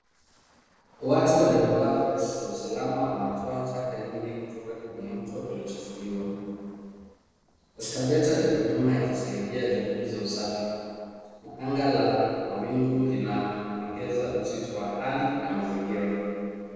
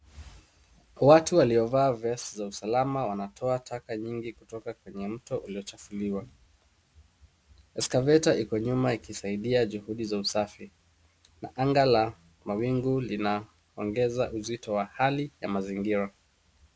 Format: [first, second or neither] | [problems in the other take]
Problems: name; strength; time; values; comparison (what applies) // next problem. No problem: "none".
second | noise reduction (neural separator model SepFormer DNS4)